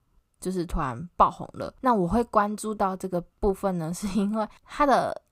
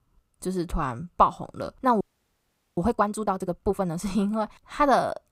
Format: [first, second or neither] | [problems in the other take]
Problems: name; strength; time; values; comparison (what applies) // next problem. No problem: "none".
first | audio freezing; at 2 s for 1 s